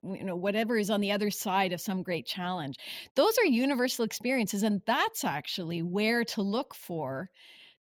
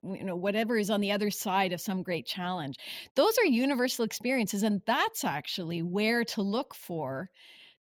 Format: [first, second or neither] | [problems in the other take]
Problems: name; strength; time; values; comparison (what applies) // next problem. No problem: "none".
neither | none